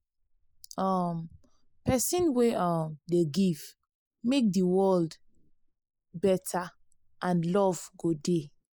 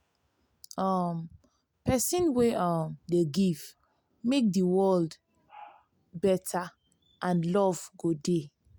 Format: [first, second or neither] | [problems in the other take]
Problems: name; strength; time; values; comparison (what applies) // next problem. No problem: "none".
second | noise reduction (neural mask model Resemble Enhance denoiser)